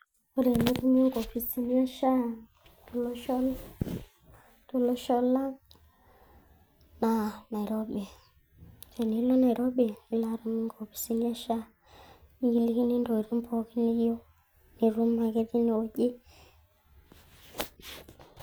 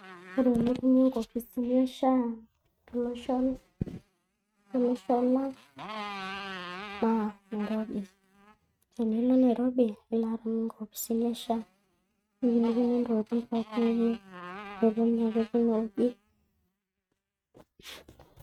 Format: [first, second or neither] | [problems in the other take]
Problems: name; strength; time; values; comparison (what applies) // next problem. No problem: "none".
first | noise reduction (neural mask model RNNoise)